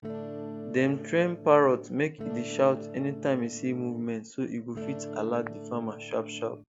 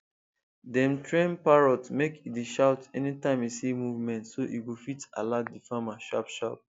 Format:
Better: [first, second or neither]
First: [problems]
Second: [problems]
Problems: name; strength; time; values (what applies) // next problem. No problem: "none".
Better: second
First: background sound (Electric guitar / Strum); 11 dB below the speech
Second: none